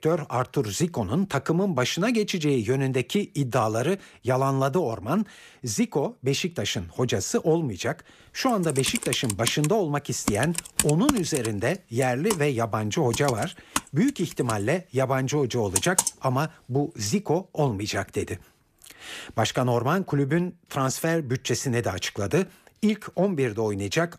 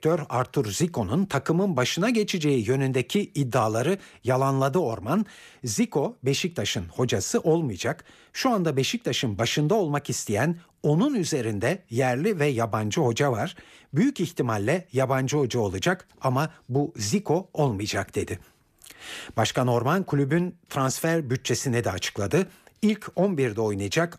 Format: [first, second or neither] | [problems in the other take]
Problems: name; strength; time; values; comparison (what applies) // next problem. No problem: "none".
second | keyboard typing; loud; from 8.5 to 17 s; peak 3 dB above the speech